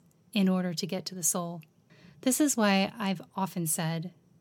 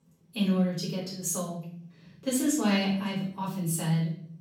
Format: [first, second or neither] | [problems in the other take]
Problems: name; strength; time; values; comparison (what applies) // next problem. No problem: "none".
first | room echo; noticeable; dies away in 0.6 s // off-mic speech; far